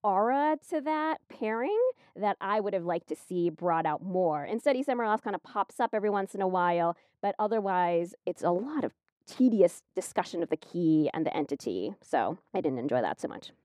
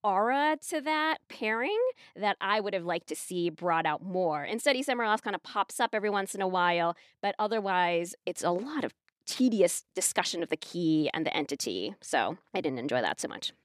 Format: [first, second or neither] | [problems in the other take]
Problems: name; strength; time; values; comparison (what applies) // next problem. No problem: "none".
second | muffled; slightly; fading above 1.5 kHz